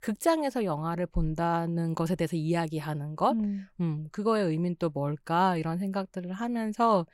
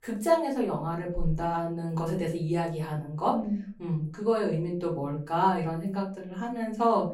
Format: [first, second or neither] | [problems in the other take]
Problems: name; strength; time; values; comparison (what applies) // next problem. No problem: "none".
first | off-mic speech; far // room echo; slight; dies away in 0.3 s